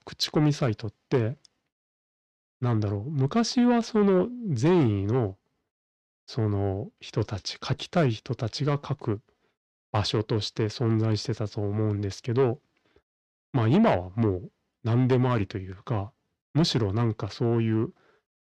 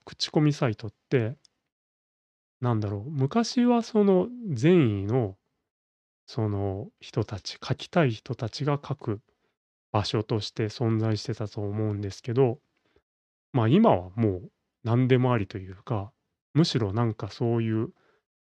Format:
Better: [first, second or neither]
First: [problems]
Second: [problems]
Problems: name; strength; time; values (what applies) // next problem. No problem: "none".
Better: second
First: distortion; slight; 10 dB below the speech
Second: none